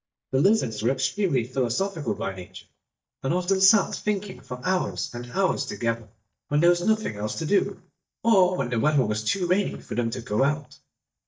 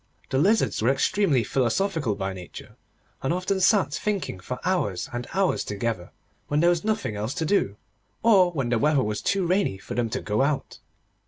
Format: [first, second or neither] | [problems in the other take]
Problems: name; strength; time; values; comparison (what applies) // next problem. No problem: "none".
second | noise reduction (neural mask model DeepFilterNet 3)